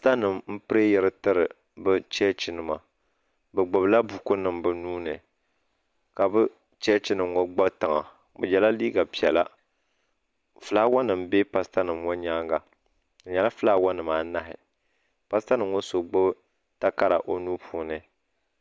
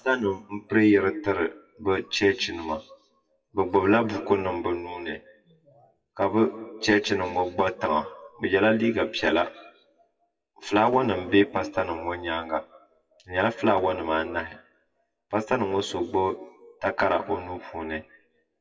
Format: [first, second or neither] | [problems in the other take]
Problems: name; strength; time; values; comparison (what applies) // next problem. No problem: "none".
first | noise reduction (classical method WPE with log-MMSE)